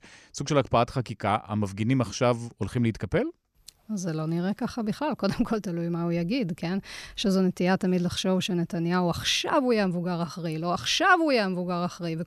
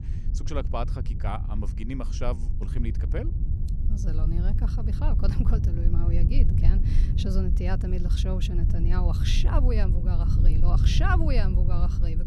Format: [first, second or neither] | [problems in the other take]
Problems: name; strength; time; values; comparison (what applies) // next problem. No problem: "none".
first | low rumble; loud; throughout; 6 dB below the speech